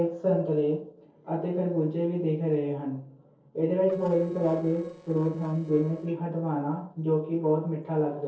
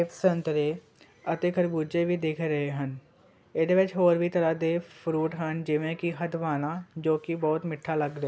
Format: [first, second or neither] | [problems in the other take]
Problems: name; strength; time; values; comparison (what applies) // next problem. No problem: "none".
second | noise reduction (neural separator model SepFormer DNS4)